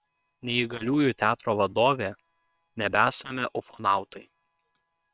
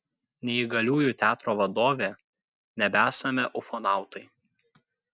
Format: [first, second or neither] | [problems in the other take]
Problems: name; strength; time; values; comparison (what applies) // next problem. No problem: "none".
second | noise reduction (neural separator model SepFormer WHAM!)